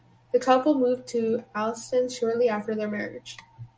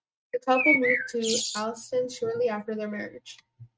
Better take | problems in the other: first | noise reduction (neural mask model RNNoise)

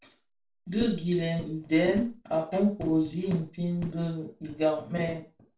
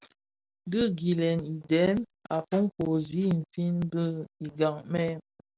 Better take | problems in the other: second | room echo; dies away in 0.3 s

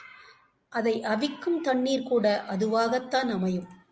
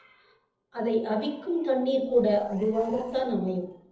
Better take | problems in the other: first | noise reduction (neural separator model SepFormer DNS4)

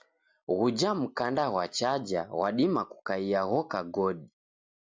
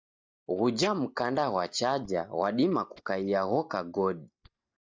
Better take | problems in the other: first | noise reduction (neural mask model DeepFilterNet 3)

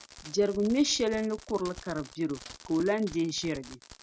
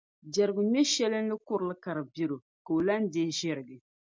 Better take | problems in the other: second | background sound (Fireworks); 19 dB below the speech

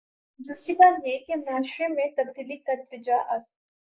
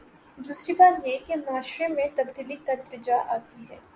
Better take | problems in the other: second | noise reduction (neural mask model Resemble Enhance denoiser)

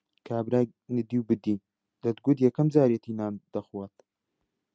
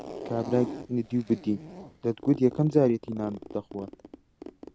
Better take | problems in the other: first | background sound (Zipper (clothing)); 14 dB below the speech

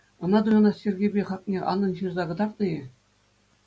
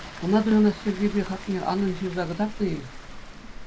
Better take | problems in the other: first | background sound (Water); 13 dB below the speech

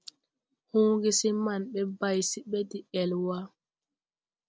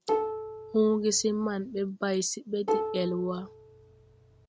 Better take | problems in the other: first | background sound (Plucked string instrument); 4 dB below the speech

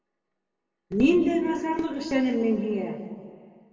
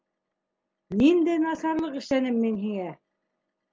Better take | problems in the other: second | room echo; dies away in 1.8 s

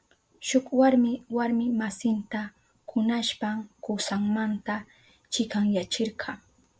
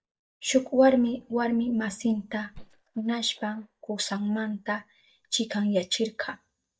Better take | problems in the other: first | noise reduction (neural mask model DeepFilterNet 3)

